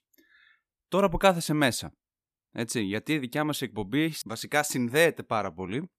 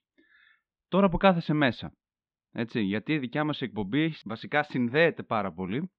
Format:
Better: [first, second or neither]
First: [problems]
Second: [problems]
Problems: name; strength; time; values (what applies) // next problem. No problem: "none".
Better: first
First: none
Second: muffled; very; fading above 3.5 kHz